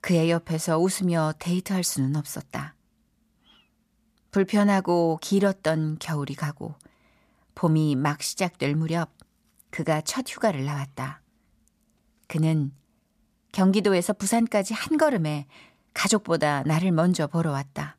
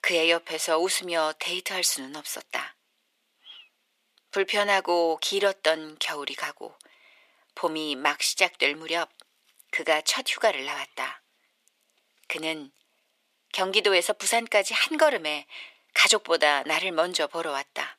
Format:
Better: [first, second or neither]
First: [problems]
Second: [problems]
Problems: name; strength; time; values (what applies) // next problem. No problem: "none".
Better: first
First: none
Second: thin; very; fading below 400 Hz